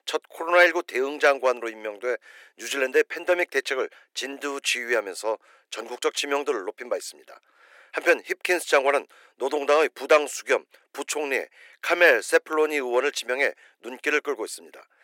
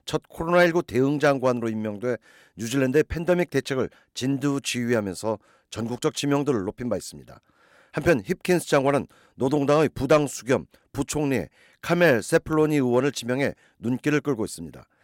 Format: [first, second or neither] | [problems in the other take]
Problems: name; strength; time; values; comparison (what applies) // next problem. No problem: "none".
second | thin; very; fading below 400 Hz